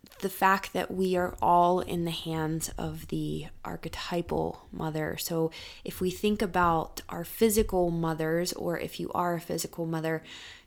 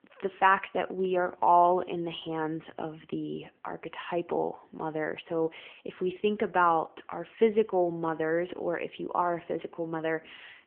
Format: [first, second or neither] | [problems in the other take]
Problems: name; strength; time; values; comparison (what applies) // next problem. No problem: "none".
first | phone-call audio; nothing above 3.5 kHz